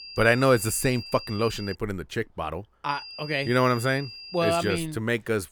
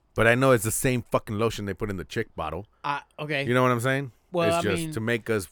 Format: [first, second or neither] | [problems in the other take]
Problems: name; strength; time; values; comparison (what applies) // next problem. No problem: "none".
second | high-pitched whine; noticeable; until 2 s and from 3 to 5 s; 5 kHz, 15 dB below the speech